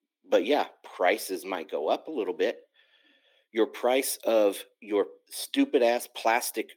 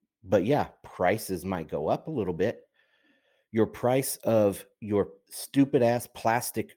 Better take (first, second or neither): second